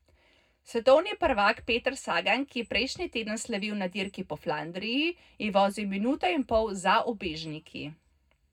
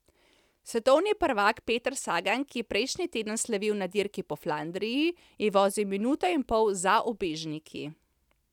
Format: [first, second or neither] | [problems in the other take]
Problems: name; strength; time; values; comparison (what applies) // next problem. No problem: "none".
second | room echo; dies away in 0.3 s